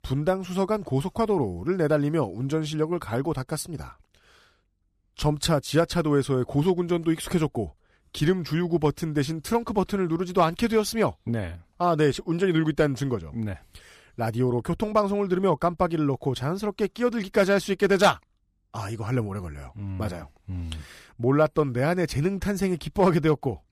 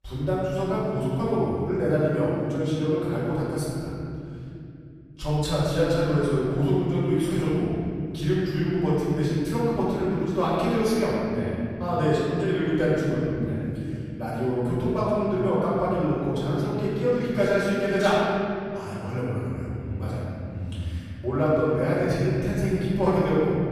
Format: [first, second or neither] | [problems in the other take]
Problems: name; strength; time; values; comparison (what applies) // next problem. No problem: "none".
first | off-mic speech; far // room echo; strong; dies away in 3 s